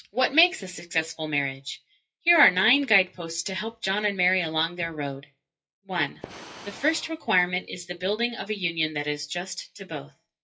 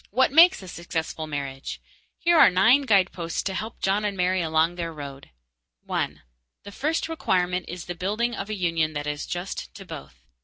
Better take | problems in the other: second | noise reduction (classical method WPE with log-MMSE)

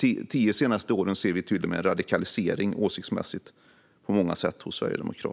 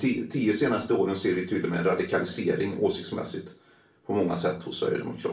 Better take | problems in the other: first | room echo; dies away in 0.3 s

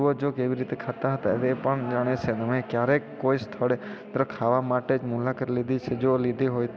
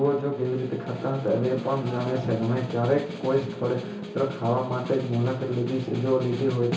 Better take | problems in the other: first | background sound (Snare drum); 12 dB below the speech // room echo; dies away in 0.8 s

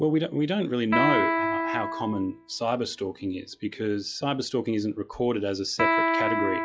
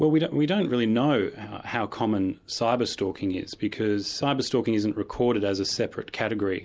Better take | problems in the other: second | noise reduction (classical method log-MMSE)

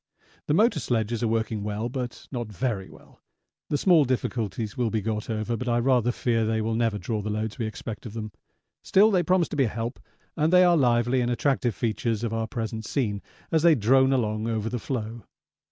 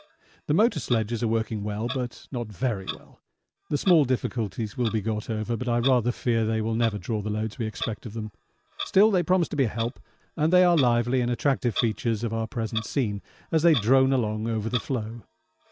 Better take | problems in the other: first | background sound (Clock); 16 dB below the speech

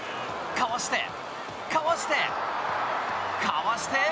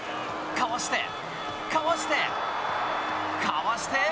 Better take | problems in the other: first | background sound (Bell + Bowed string instrument); 10 dB below the speech

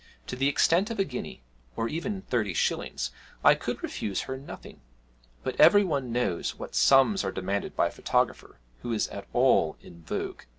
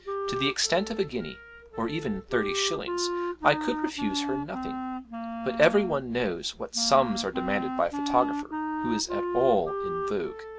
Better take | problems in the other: first | background sound (Wind instrument, woodwind instrument); 4 dB below the speech

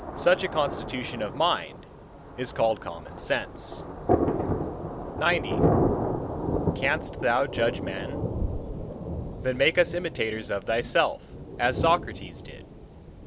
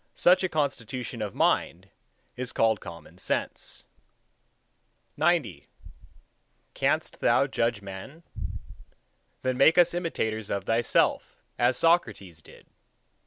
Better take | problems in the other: second | background sound (Thunder); 2 dB below the speech

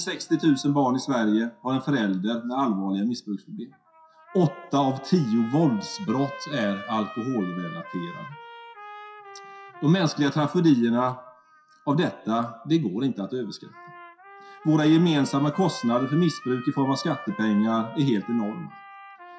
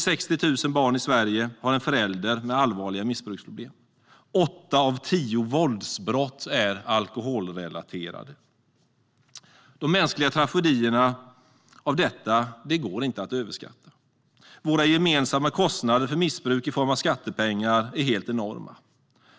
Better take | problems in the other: second | noise reduction (classical method WPE with log-MMSE)

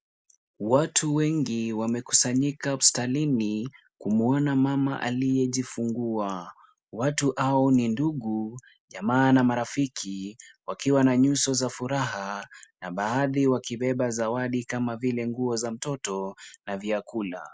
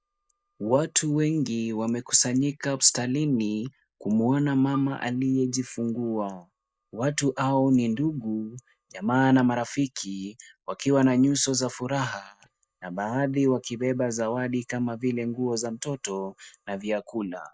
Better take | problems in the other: first | noise reduction (neural mask model DeepFilterNet 3)

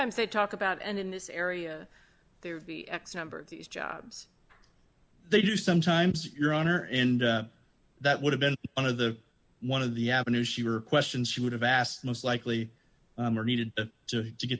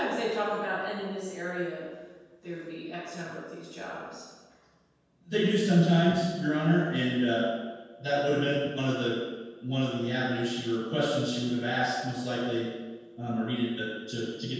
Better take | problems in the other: first | room echo; dies away in 1.2 s

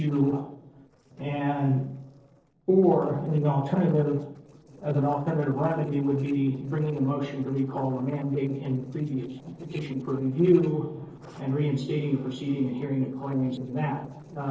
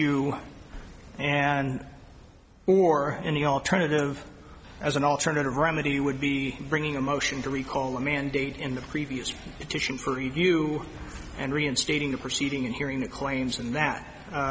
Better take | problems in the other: second | noise reduction (neural separator model SepFormer DNS4)

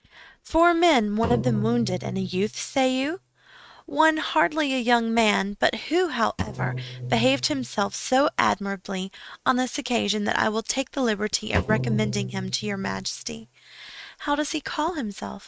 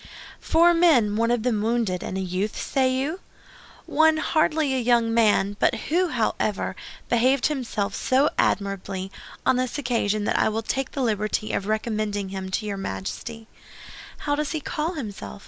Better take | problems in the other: second | noise reduction (neural mask model RNNoise)

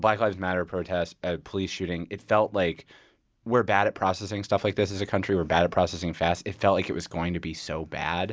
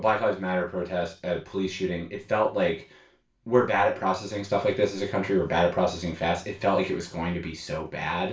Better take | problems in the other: first | room echo; dies away in 0.3 s

